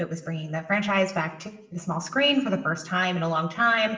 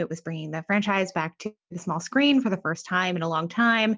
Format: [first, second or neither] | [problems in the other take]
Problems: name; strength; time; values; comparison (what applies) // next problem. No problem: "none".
second | room echo; dies away in 0.7 s